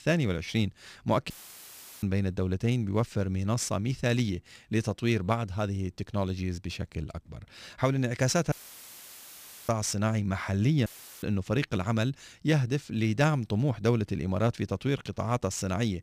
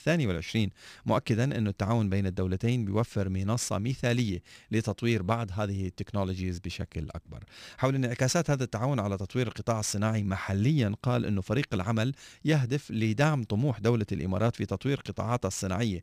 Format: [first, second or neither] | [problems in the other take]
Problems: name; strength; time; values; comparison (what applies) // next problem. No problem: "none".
second | audio cutting out; filled with static; at 1.5 s for 0.5 s, at 8.5 s for 1 s and at 11 s